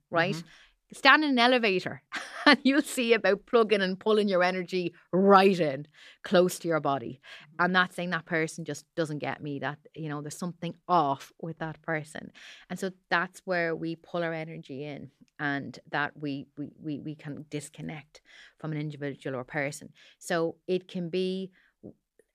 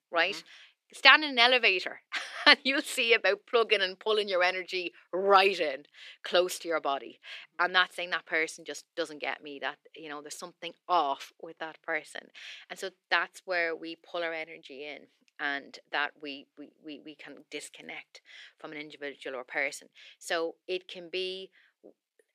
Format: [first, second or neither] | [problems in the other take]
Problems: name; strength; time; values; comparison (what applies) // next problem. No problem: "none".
first | thin; somewhat; fading below 400 Hz